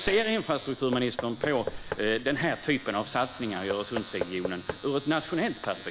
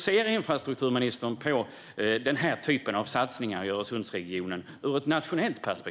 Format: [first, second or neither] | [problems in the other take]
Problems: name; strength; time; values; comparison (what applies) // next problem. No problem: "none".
second | background sound (Knock / Wood + Domestic sounds, home sounds); 10 dB below the speech